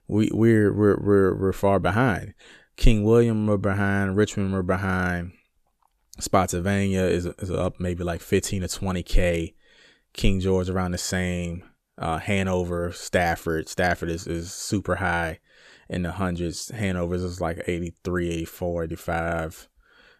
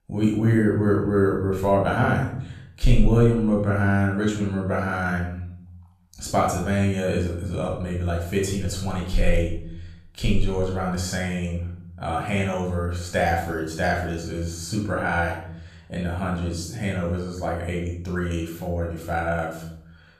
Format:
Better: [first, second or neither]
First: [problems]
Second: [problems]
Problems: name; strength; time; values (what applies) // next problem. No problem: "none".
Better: first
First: none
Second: off-mic speech; far // room echo; noticeable; dies away in 0.6 s